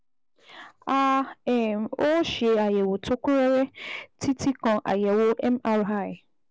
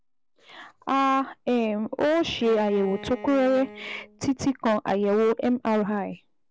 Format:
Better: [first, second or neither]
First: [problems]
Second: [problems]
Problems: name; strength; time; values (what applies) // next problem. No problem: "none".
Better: first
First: none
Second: background sound (Bowed string instrument); 18 dB below the speech